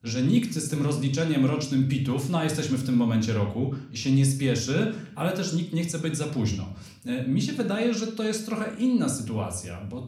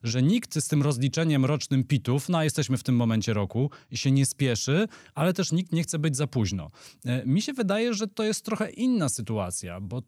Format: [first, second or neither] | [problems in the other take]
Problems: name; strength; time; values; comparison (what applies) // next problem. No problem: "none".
second | room echo; slight; dies away in 0.5 s // off-mic speech; somewhat distant